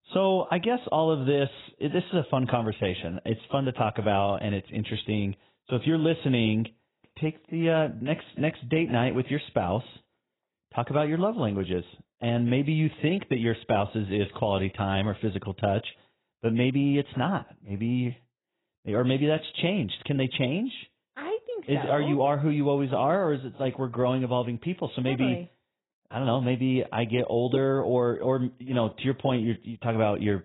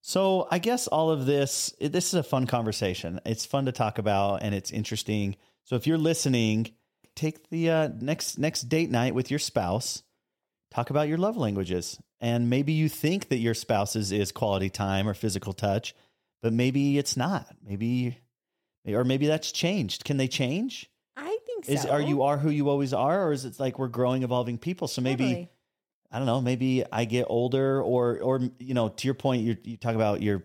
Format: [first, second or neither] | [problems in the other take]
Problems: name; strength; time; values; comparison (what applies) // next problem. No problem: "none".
second | garbled, watery; badly; nothing above 4 kHz